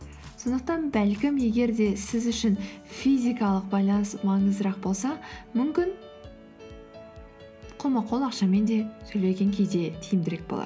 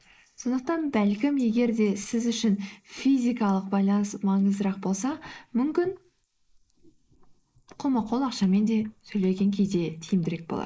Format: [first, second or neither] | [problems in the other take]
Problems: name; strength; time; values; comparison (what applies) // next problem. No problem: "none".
first | noise reduction (neural mask model Resemble Enhance denoiser)